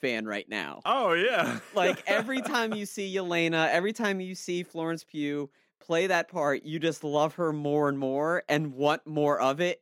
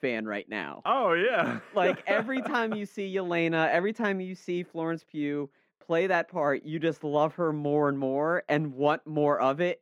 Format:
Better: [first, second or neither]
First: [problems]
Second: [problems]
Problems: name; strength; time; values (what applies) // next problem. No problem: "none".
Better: first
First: none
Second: muffled; slightly; fading above 3.5 kHz